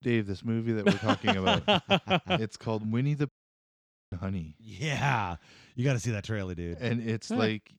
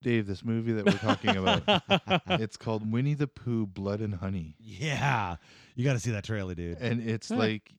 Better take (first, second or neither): second